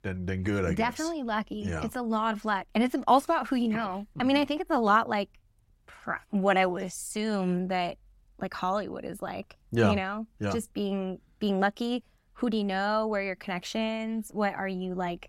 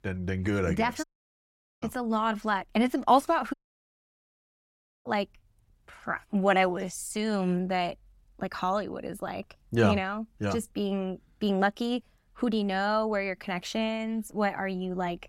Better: first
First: none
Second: audio cutting out; at 1 s for 1 s and at 3.5 s for 1.5 s

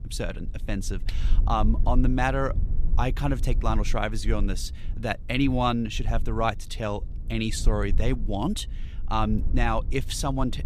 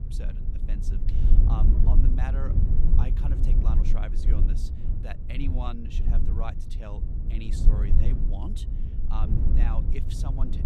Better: first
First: low rumble; faint; throughout; 20 dB below the speech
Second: low rumble; loud; throughout; 1 dB below the speech

